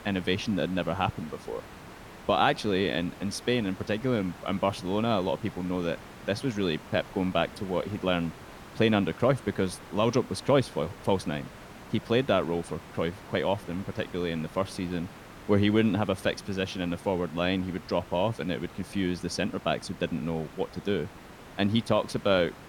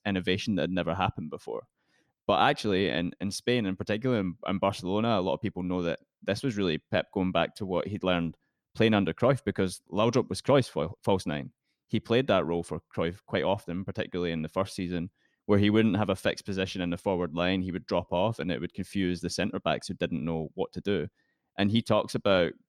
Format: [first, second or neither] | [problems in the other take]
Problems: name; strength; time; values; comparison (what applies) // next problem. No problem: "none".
second | hiss; noticeable; throughout; 15 dB below the speech